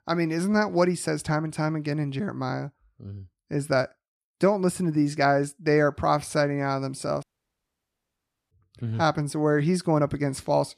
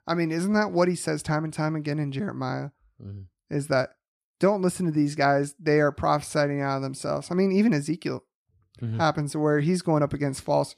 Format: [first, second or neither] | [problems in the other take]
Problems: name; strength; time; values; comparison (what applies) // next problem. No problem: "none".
second | audio cutting out; at 7 s for 1.5 s